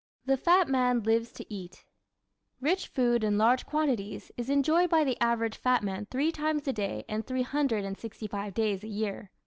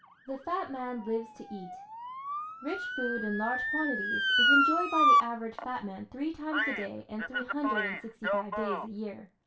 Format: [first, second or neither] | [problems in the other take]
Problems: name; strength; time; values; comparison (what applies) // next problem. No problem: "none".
first | background sound (Motor vehicle (road) / Siren); 4 dB above the speech // room echo; dies away in 0.3 s